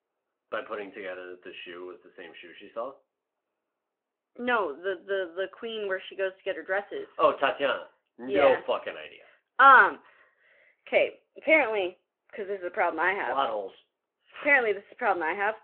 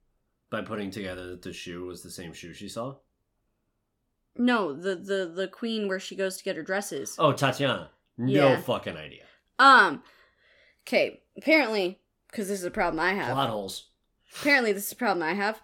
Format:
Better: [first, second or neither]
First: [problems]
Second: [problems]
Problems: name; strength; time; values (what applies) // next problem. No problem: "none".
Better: second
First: phone-call audio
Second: none